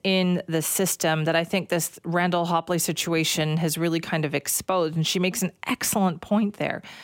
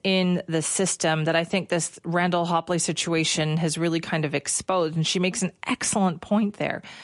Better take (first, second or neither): first